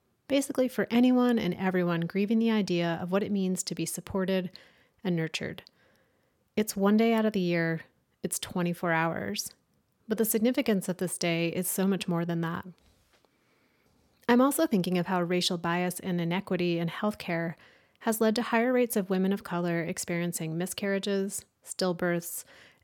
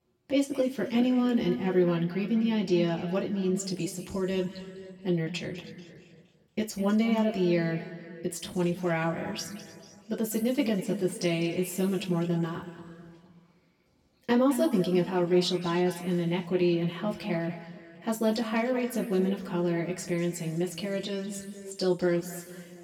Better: first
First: none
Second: room echo; slight; dies away in 2.1 s // off-mic speech; far

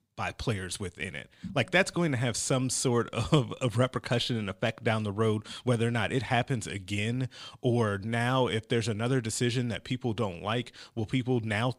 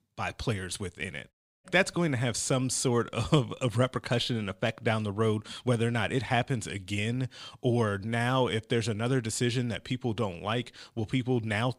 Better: first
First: none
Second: audio cutting out; at 1.5 s

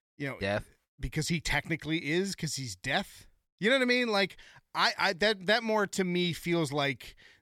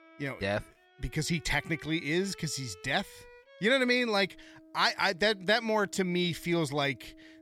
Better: first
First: none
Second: background music; faint; throughout; 25 dB below the speech

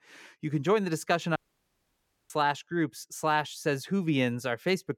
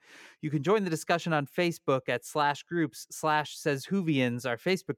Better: second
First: audio cutting out; at 1.5 s for 1 s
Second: none

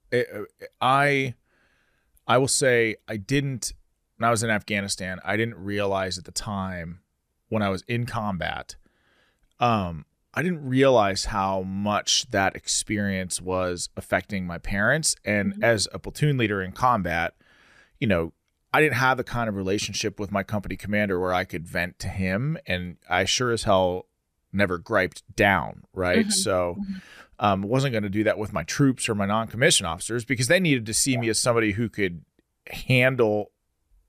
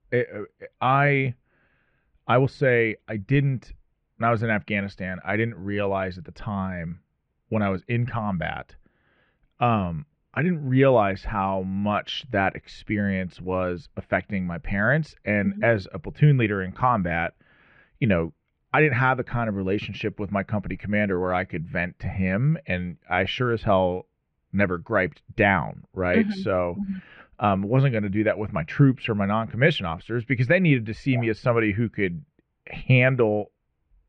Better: first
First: none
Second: muffled; very; fading above 2.5 kHz

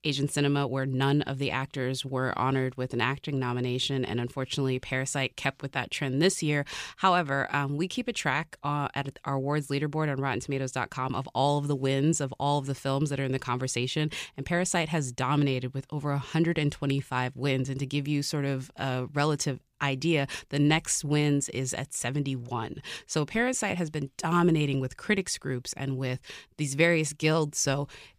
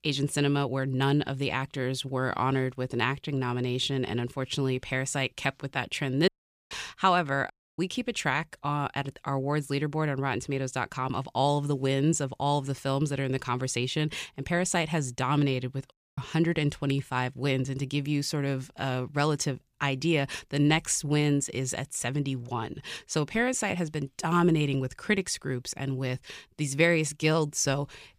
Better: first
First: none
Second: audio cutting out; at 6.5 s, at 7.5 s and at 16 s

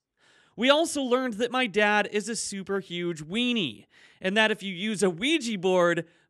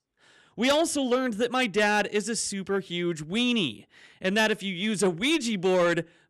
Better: first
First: none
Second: distortion; slight; 10 dB below the speech

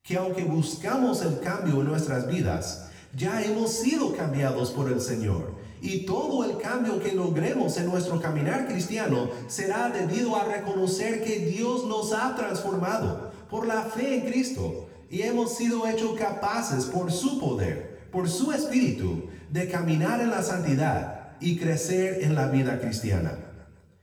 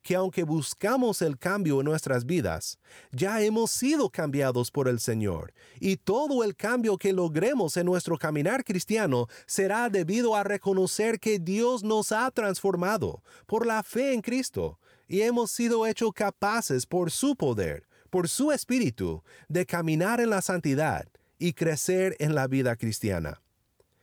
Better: second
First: room echo; slight; dies away in 1 s // off-mic speech; far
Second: none

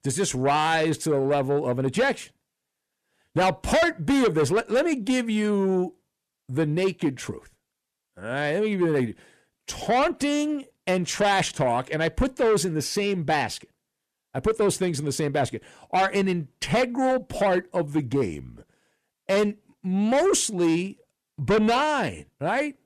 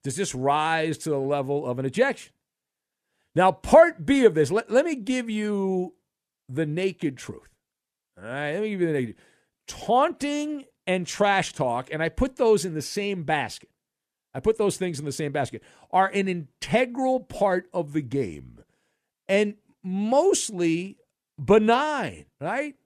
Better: second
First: distortion; heavy; 7 dB below the speech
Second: none

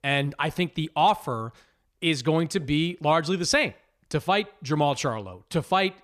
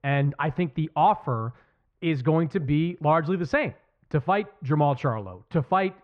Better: first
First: none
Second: muffled; very; fading above 1.5 kHz

